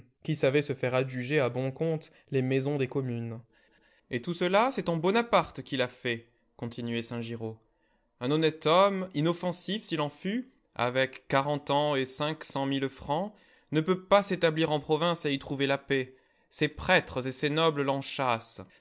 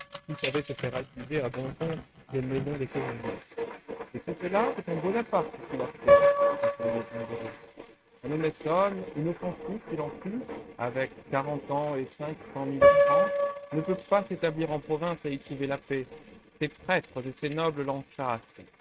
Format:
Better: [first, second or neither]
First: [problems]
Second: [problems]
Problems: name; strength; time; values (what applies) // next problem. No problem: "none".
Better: first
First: none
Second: noise reduction (neural mask model RNNoise)